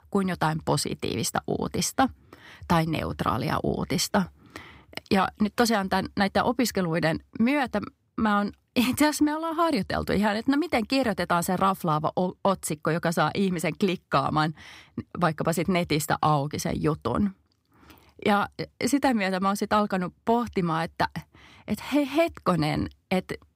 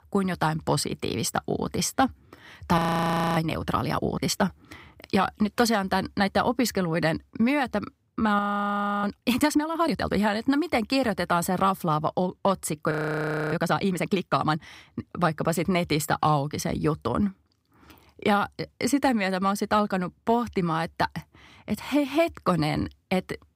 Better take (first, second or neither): first